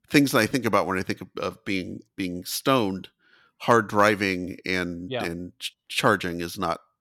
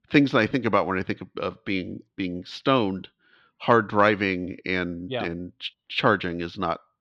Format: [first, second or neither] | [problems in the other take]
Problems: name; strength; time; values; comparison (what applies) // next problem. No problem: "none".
first | muffled; slightly; fading above 3.5 kHz